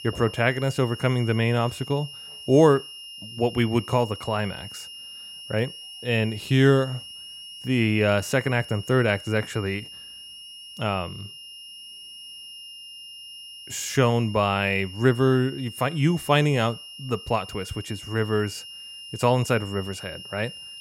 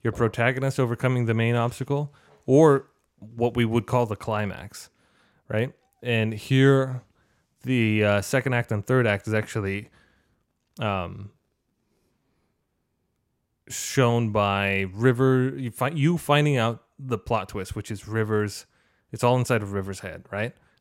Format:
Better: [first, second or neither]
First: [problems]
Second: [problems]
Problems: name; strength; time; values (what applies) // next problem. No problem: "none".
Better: second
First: high-pitched whine; noticeable; throughout; 3 kHz, 15 dB below the speech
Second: none